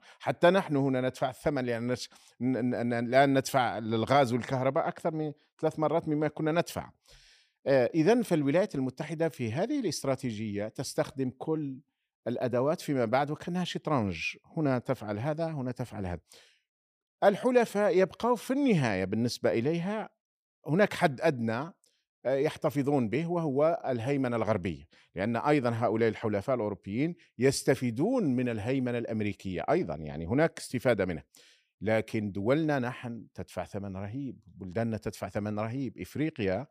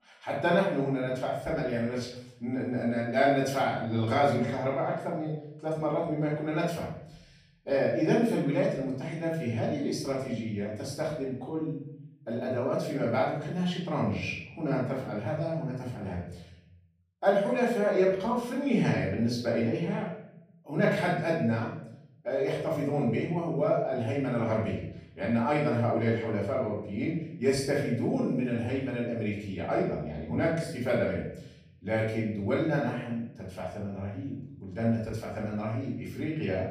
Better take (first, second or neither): first